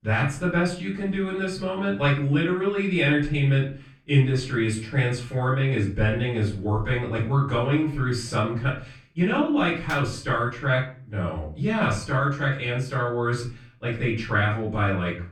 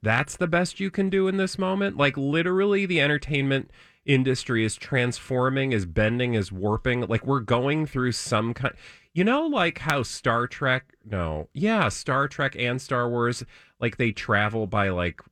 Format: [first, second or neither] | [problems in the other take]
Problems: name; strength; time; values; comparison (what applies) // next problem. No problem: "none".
second | off-mic speech; far // room echo; slight; dies away in 0.4 s